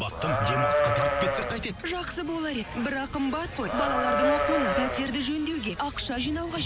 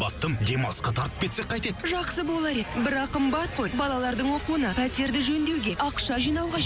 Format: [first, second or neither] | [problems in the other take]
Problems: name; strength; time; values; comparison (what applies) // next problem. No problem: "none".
second | background sound (Livestock, farm animals, working animals); 4 dB above the speech